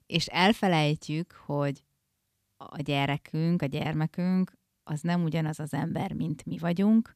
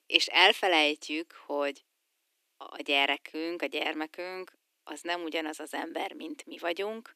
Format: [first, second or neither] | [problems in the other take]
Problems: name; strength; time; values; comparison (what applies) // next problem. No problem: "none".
first | thin; very; fading below 300 Hz